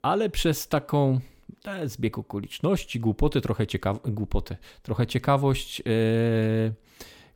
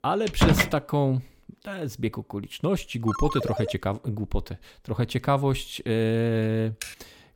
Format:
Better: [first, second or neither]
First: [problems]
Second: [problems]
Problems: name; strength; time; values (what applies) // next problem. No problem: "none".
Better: first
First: none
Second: door banging; loud; at 0.5 s; peak 6 dB above the speech // phone ringing; noticeable; at 3 s; peak 4 dB below the speech // keyboard typing; faint; at 7 s; peak 10 dB below the speech